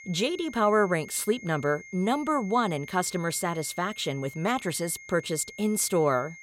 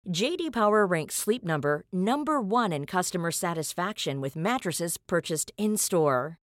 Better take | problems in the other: second | high-pitched whine; noticeable; throughout; 2 kHz, 15 dB below the speech

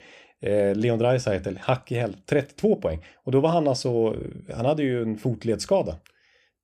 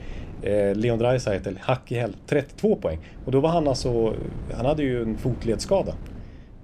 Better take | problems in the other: first | wind noise on the microphone; occasional gusts; 20 dB below the speech

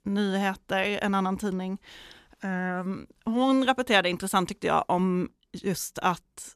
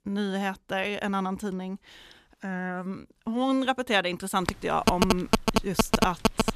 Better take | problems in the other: first | phone ringing; loud; from 4.5 s on; peak 5 dB above the speech

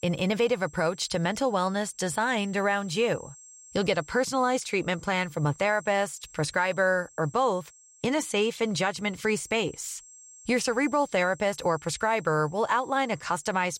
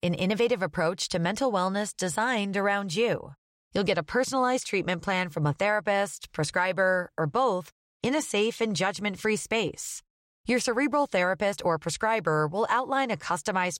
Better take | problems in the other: second | high-pitched whine; faint; throughout; 7.5 kHz, 25 dB below the speech

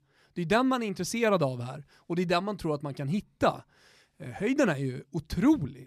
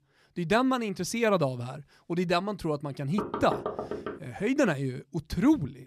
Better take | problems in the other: first | door banging; noticeable; at 3 s; peak 5 dB below the speech

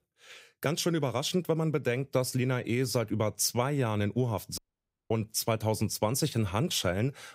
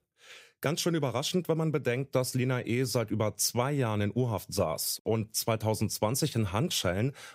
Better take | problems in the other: second | audio cutting out; at 4.5 s for 0.5 s

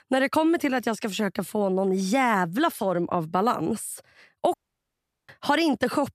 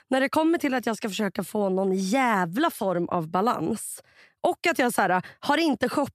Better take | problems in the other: second | audio cutting out; at 4.5 s for 0.5 s

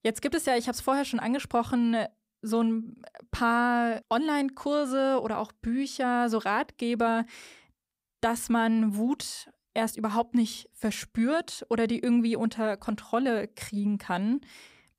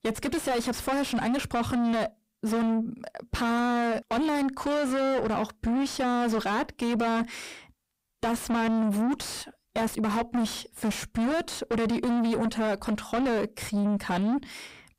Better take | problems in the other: first | distortion; heavy; 6 dB below the speech

